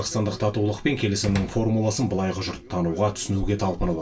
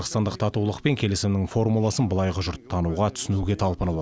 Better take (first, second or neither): second